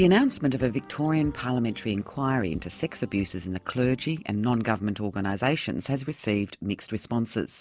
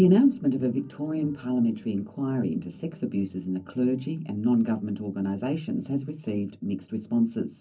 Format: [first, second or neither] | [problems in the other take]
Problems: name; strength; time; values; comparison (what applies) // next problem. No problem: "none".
first | room echo; dies away in 0.4 s